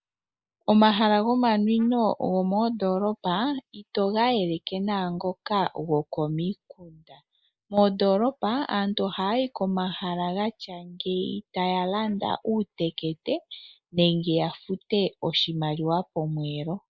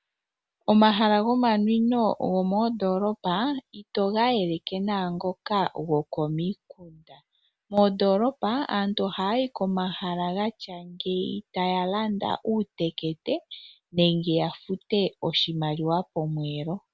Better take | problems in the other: second | noise reduction (neural mask model Resemble Enhance denoiser)

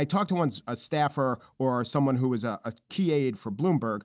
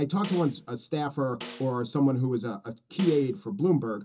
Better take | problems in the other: first | background sound (Snare drum); 19 dB below the speech // room echo; dies away in 0.2 s

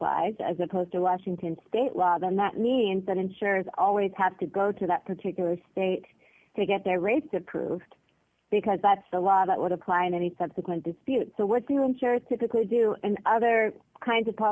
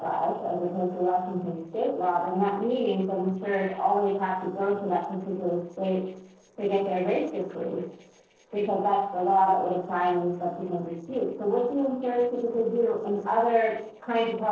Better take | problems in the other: first | noise reduction (neural separator model SepFormer DNS4)

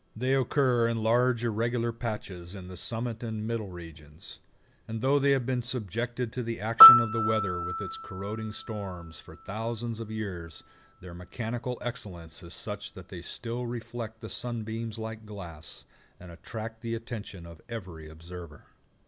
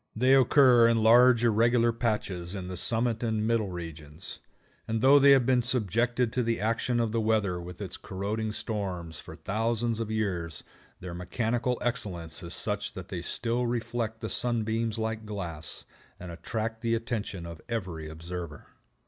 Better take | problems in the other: second | background sound (Piano); 1 dB below the speech

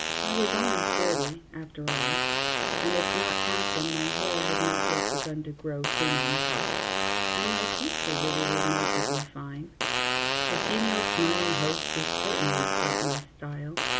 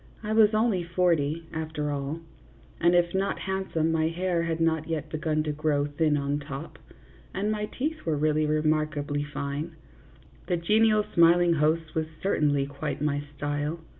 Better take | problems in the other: second | background sound (Fart); 5 dB above the speech

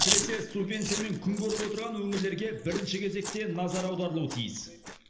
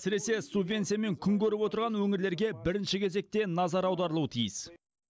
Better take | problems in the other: second | background sound (Chewing, mastication); 3 dB below the speech // room echo; dies away in 0.8 s

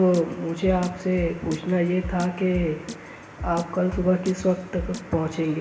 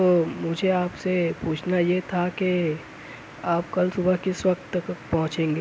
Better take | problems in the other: second | background sound (Drum kit); 13 dB below the speech // room echo; dies away in 1.1 s

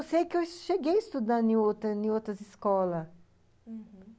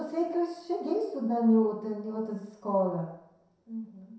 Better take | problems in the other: first | room echo; dies away in 0.7 s

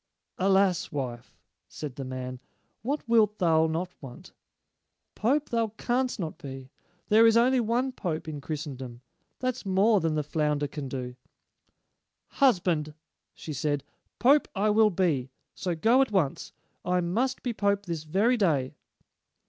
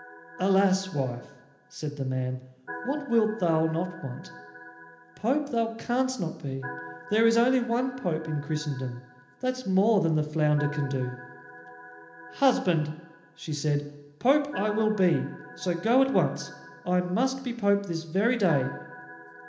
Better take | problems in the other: first | background sound (Organ); 17 dB below the speech // room echo; dies away in 0.8 s

